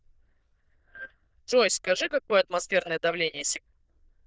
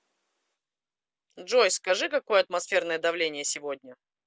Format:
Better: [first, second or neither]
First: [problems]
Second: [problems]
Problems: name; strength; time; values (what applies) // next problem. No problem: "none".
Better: second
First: noise reduction (neural diffusion model UNIVERSE++)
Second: none